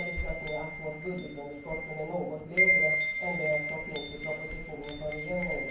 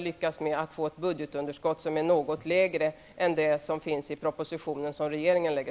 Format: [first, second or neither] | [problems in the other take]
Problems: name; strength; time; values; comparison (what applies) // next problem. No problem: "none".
second | background sound (Wind chime); 3 dB above the speech // room echo; dies away in 0.9 s